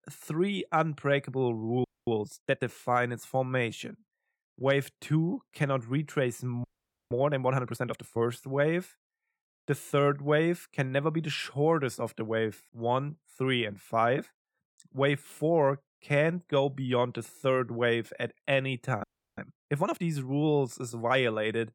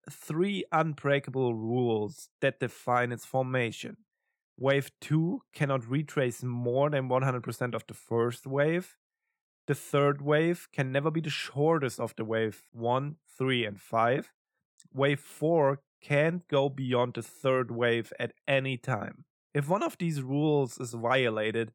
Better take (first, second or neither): second